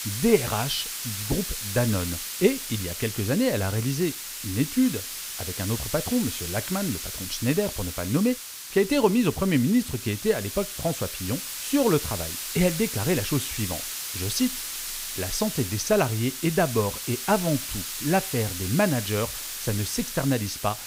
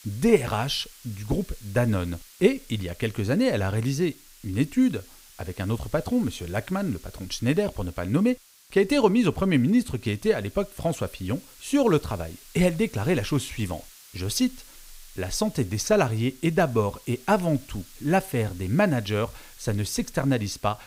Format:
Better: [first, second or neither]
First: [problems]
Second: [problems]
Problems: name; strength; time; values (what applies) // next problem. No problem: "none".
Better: second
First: hiss; loud; throughout; 5 dB below the speech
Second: hiss; faint; throughout; 20 dB below the speech